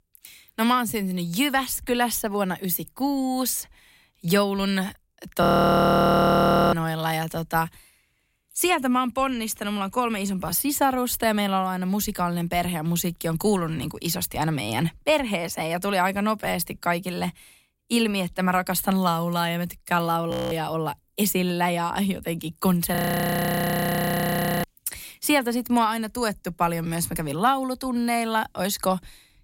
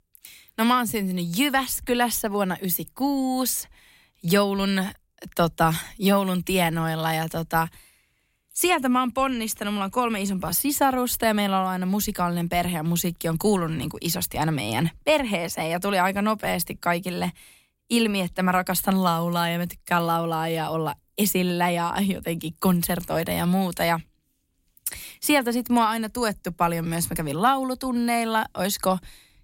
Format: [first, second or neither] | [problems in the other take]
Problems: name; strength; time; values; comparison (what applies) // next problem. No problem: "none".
second | audio freezing; at 5.5 s for 1.5 s, at 20 s and at 23 s for 1.5 s